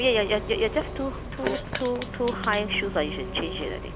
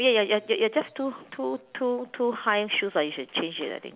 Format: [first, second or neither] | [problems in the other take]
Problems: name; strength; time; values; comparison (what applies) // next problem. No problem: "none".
second | background sound (Fart + Engine); 6 dB below the speech